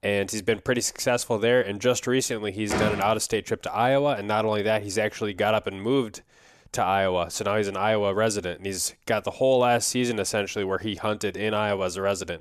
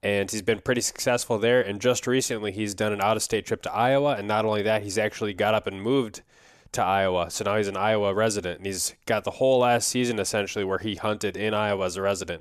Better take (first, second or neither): second